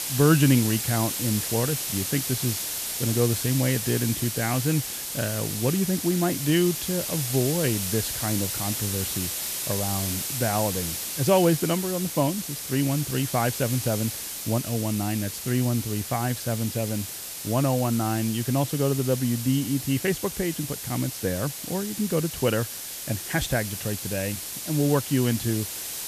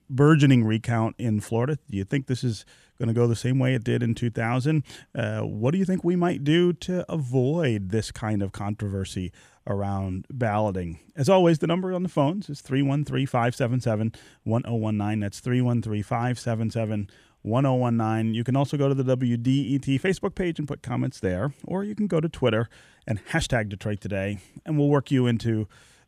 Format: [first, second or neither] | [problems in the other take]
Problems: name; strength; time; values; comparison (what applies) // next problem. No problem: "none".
second | hiss; loud; throughout; 3 dB below the speech